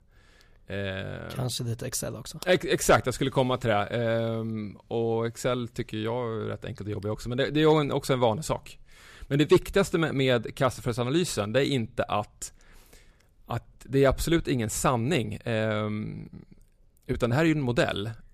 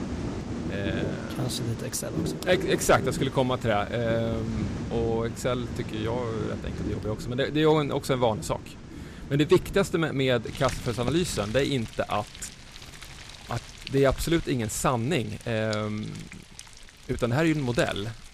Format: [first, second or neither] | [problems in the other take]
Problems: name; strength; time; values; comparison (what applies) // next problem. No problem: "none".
first | rain or running water; loud; throughout; 10 dB below the speech